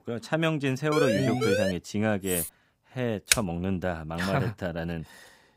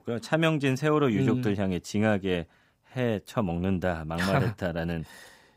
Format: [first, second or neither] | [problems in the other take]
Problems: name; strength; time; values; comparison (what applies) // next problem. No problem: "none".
second | siren; loud; at 1 s; peak 2 dB above the speech // clattering dishes; noticeable; at 2.5 s; peak 2 dB below the speech // keyboard typing; loud; at 3.5 s; peak 4 dB above the speech